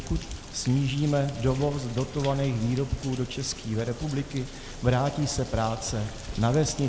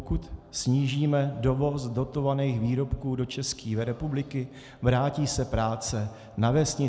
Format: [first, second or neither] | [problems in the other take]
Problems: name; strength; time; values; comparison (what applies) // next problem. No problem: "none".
second | background sound (Motor vehicle (road) + Rain); 13 dB below the speech